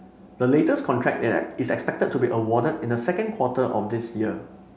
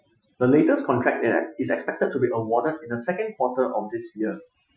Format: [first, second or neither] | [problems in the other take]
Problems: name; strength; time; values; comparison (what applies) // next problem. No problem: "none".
first | noise reduction (classical method Wiener filter)